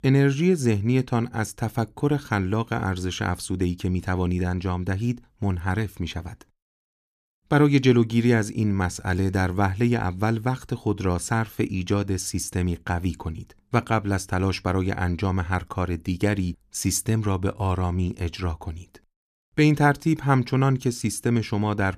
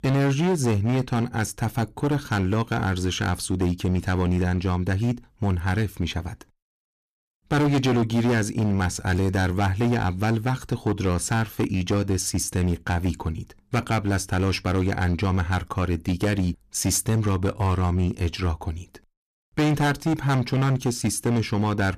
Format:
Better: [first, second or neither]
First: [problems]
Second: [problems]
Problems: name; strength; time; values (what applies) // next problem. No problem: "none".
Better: first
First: none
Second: distortion; heavy; 13% of the sound clipped